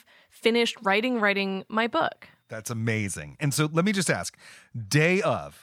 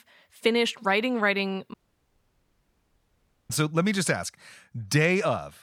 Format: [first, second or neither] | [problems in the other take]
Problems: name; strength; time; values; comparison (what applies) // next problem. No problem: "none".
first | audio cutting out; at 1.5 s for 2 s